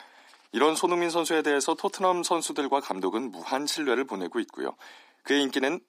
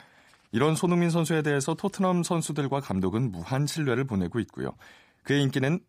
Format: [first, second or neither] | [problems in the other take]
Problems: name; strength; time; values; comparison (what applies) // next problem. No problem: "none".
second | thin; somewhat; fading below 250 Hz